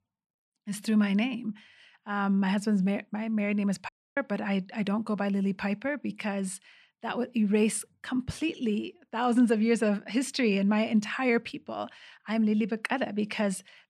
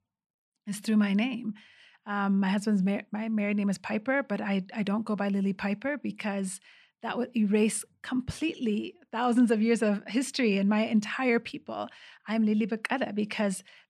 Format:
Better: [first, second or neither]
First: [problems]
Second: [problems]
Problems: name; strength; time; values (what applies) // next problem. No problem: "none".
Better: second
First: audio cutting out; at 4 s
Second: none